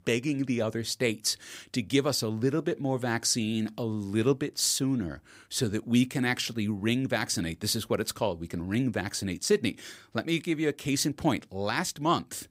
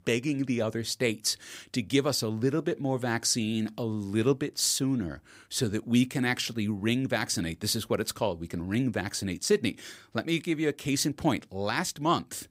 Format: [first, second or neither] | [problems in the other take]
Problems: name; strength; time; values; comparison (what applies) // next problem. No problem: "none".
neither | none